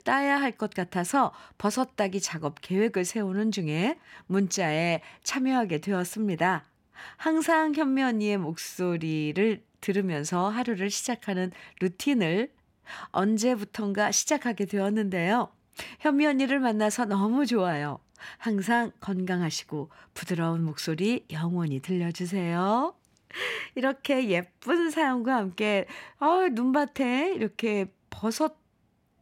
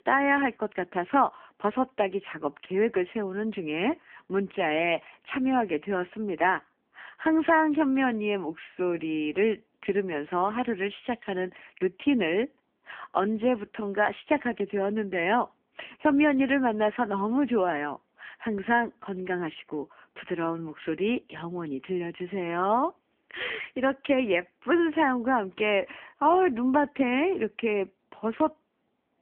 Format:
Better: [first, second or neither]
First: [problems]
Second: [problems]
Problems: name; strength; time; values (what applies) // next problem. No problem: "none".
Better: first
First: none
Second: phone-call audio; poor line